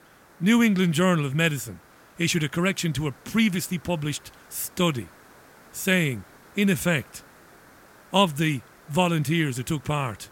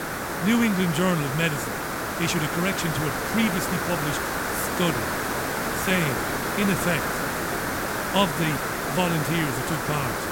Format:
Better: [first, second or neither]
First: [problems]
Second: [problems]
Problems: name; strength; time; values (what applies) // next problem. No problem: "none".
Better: first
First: hiss; faint; throughout; 25 dB below the speech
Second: hiss; loud; throughout; 1 dB below the speech